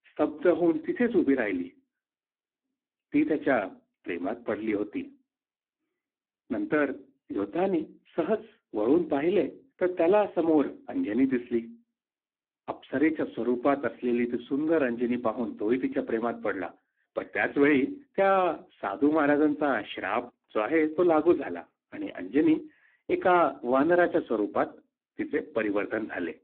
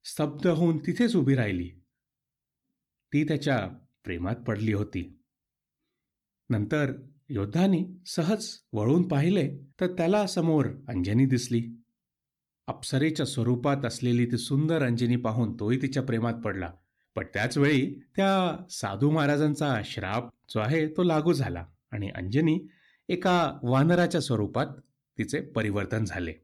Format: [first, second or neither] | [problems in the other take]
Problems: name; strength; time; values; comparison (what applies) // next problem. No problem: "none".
second | phone-call audio; poor line